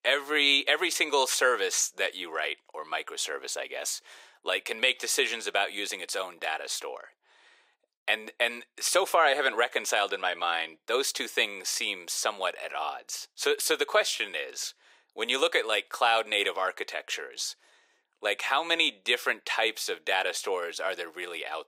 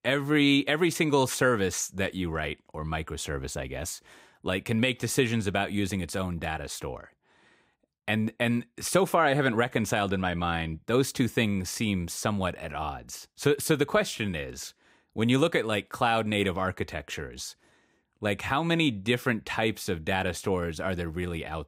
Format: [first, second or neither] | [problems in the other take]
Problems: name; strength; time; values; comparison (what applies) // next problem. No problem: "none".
second | thin; very; fading below 450 Hz